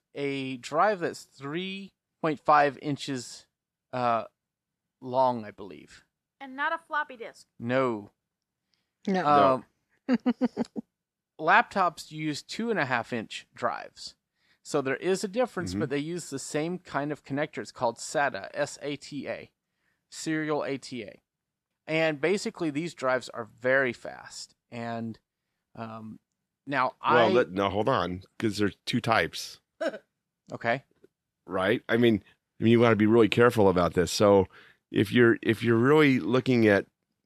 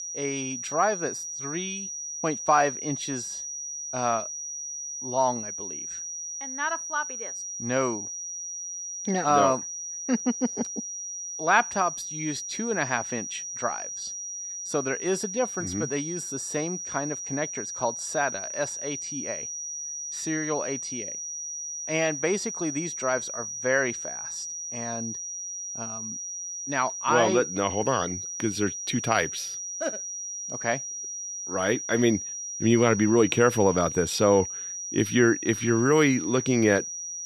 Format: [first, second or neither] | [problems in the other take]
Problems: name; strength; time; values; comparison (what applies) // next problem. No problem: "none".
first | high-pitched whine; loud; throughout; 6 kHz, 6 dB below the speech